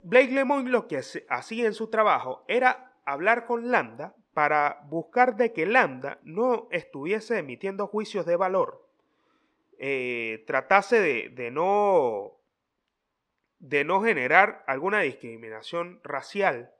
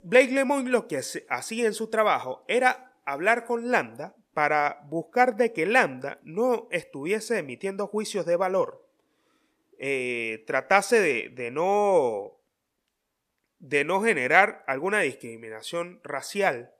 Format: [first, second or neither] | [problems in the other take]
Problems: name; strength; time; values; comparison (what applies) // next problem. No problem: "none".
second | muffled; very slightly; fading above 4 kHz